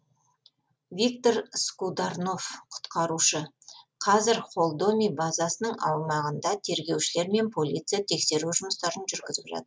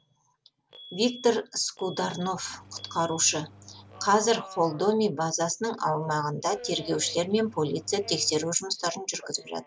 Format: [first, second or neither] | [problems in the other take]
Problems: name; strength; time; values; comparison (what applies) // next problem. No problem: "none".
first | background sound (Engine starting + Alarm); 20 dB below the speech